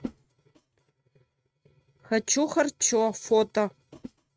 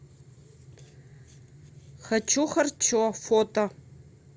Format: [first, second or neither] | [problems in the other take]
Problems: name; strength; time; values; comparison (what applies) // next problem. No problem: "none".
second | noise reduction (neural mask model RNNoise)